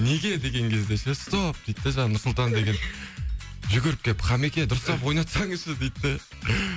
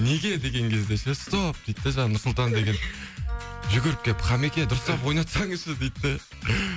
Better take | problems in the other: first | background sound (Wind instrument, woodwind instrument); 18 dB below the speech

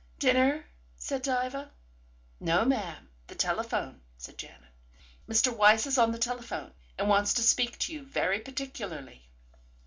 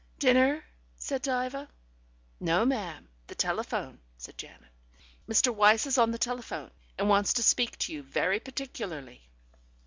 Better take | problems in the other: second | room echo; dies away in 0.2 s

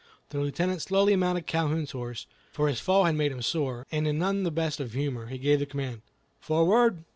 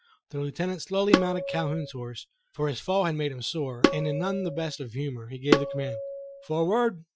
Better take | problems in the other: first | noise reduction (classical method Wiener filter)

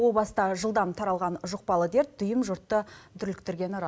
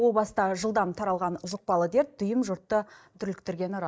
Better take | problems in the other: first | noise reduction (neural mask model DeepFilterNet 3)

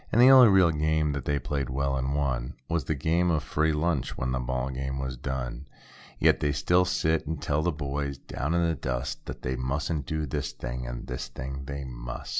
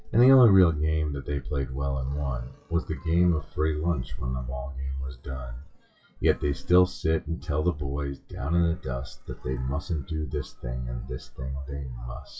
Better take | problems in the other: first | noise reduction (classical method WPE with log-MMSE)

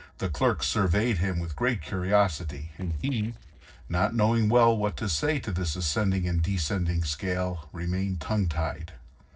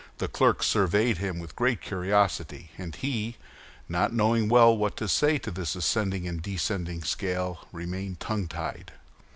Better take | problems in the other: second | noise reduction (neural separator model SepFormer DNS4)

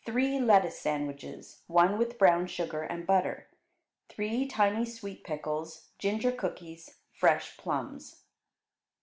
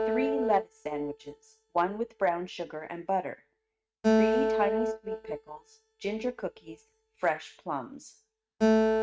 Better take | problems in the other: first | noise reduction (neural mask model RNNoise)

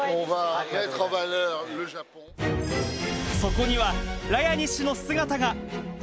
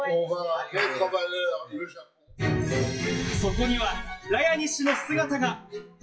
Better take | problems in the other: first | noise reduction (classical method WPE with log-MMSE)

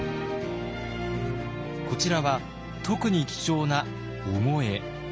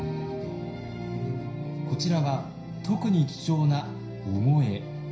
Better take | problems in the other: first | room echo; dies away in 0.5 s

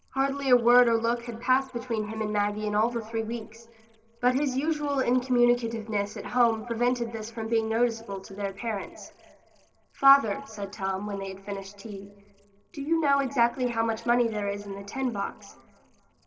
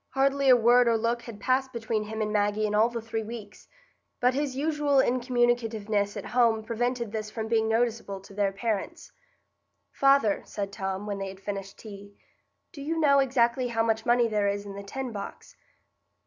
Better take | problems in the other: second | noise reduction (neural separator model SepFormer DNS4)

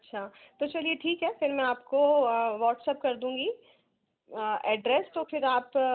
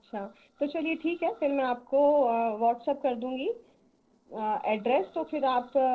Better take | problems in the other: first | noise reduction (neural separator model SepFormer DNS4)

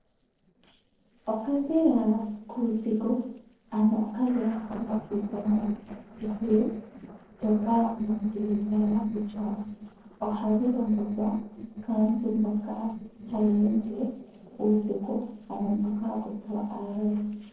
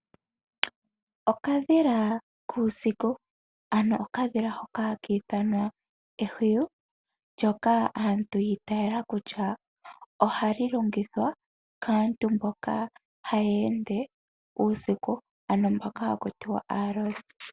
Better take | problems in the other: second | noise reduction (neural separator model SepFormer DNS4)

